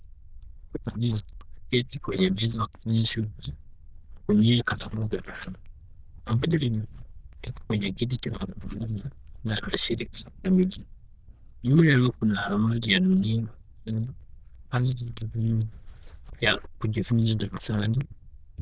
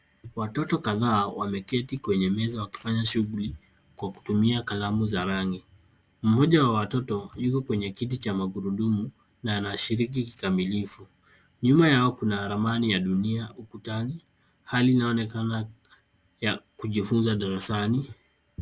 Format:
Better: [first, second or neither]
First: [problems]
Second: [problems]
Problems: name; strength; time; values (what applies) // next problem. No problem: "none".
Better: second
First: noise reduction (neural diffusion model UNIVERSE++)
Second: none